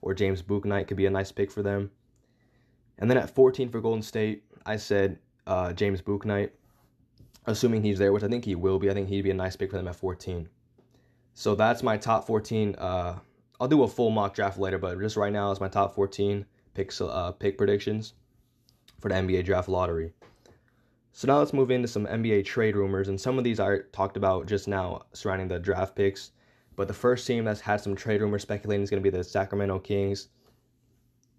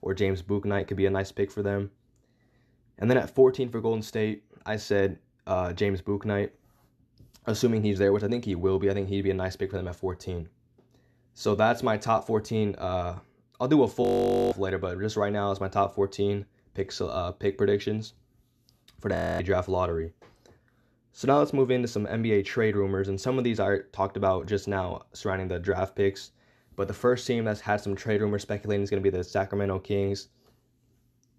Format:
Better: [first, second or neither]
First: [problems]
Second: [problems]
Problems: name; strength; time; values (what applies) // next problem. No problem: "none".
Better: first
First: none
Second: audio freezing; at 14 s and at 19 s